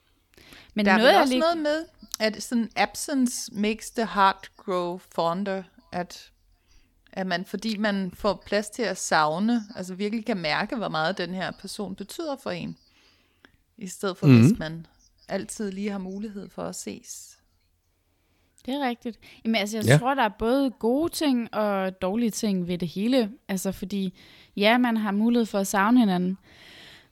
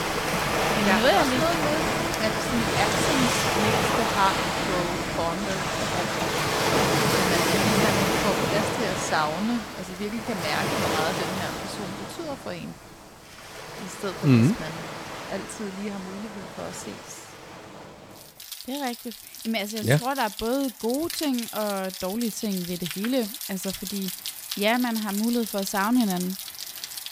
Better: first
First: none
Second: rain or running water; very loud; throughout; 1 dB above the speech

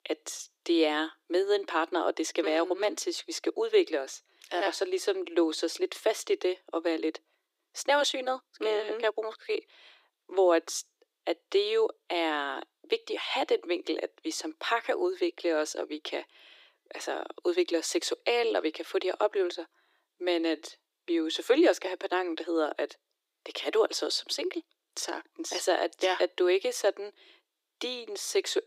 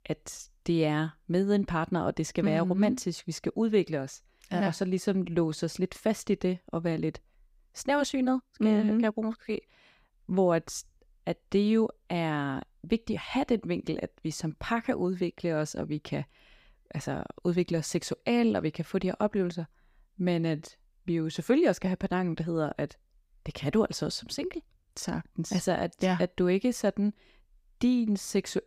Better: second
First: thin; very; fading below 300 Hz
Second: none

